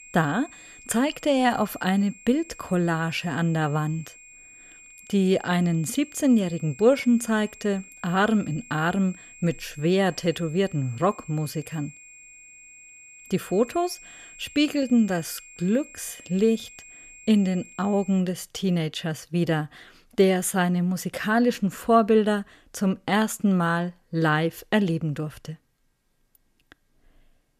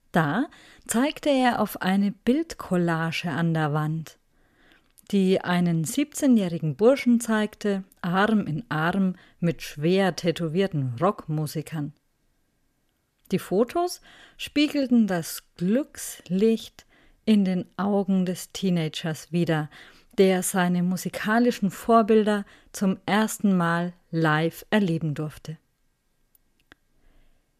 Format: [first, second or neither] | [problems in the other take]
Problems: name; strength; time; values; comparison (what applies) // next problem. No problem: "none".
second | high-pitched whine; faint; until 18 s; 2.5 kHz, 20 dB below the speech